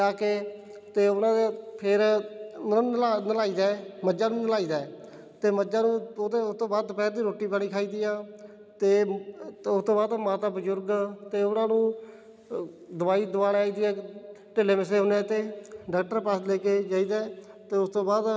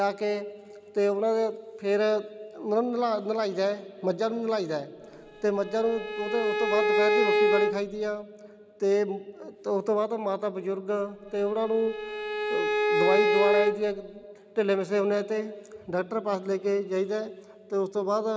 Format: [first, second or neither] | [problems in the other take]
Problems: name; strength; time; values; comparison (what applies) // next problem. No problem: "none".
first | background sound (Bowed string instrument); 1 dB above the speech